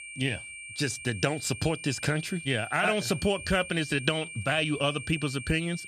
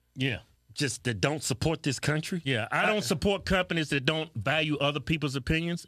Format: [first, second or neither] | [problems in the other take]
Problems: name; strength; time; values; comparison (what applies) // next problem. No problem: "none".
second | high-pitched whine; noticeable; throughout; 2.5 kHz, 10 dB below the speech